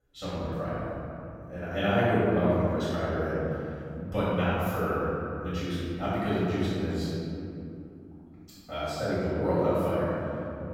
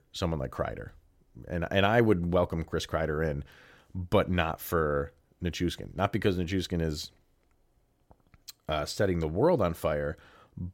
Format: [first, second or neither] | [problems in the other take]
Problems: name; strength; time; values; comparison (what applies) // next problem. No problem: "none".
second | room echo; strong; dies away in 2.8 s // off-mic speech; far